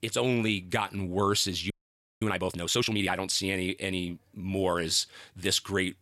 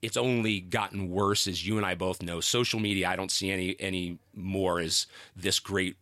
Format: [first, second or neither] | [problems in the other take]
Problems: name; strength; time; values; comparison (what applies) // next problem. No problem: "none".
second | audio freezing; at 1.5 s for 0.5 s